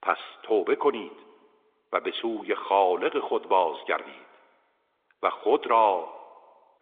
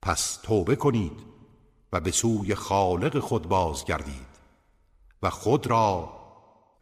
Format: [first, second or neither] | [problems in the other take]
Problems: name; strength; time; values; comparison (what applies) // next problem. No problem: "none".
second | phone-call audio